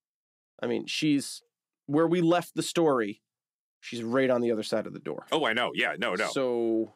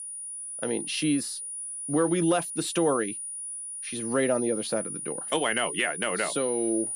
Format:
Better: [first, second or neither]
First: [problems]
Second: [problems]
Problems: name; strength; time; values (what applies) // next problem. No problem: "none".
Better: first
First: none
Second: high-pitched whine; loud; throughout; 9.5 kHz, 5 dB below the speech